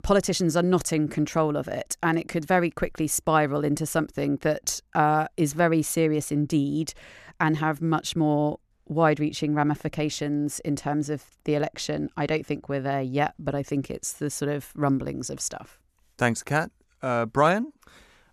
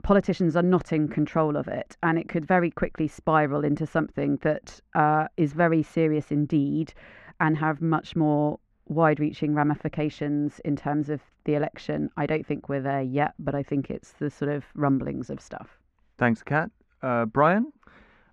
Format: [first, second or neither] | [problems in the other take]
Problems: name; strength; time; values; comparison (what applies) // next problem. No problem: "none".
first | muffled; very; fading above 2 kHz